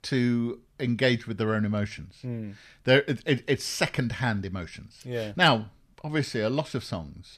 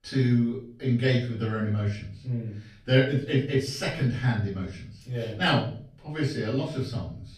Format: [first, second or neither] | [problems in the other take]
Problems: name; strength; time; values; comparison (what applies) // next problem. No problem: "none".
first | off-mic speech; far // room echo; noticeable; dies away in 0.4 s